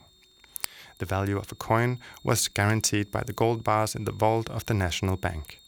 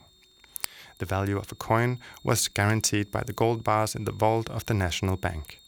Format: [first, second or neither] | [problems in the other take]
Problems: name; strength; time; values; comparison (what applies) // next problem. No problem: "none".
neither | high-pitched whine; faint; throughout; 3.5 kHz, 30 dB below the speech; the same in both